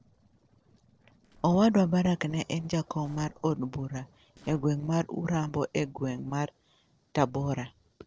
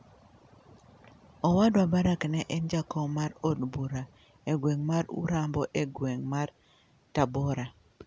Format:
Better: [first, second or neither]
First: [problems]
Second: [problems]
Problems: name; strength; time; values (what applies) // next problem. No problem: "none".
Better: second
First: noise reduction (neural separator model SepFormer DNS4)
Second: none